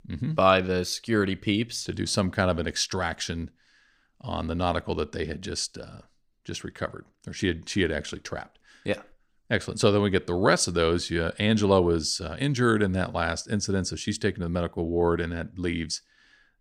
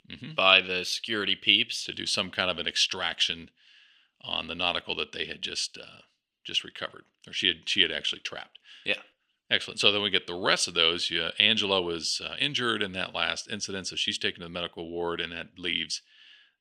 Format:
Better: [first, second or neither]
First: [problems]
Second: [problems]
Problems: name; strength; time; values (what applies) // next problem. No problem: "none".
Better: first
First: none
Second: thin; somewhat; fading below 350 Hz